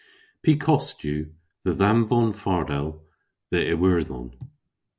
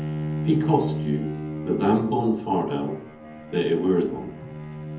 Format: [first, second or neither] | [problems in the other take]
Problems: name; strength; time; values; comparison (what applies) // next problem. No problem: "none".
first | background sound (Bowed string instrument); 7 dB below the speech // room echo; dies away in 0.7 s